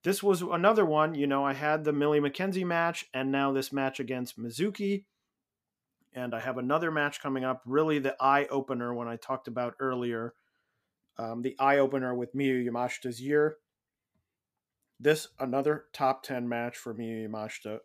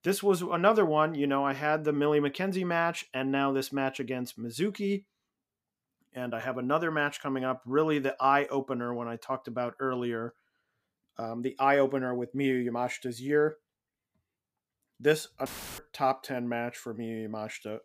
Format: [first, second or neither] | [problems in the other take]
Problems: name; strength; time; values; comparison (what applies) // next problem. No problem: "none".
first | audio cutting out; filled with static; at 15 s